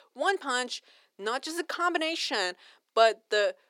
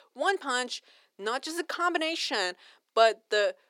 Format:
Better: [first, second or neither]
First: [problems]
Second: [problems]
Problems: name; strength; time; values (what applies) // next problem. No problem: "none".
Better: neither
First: thin; somewhat; fading below 350 Hz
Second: thin; somewhat; fading below 350 Hz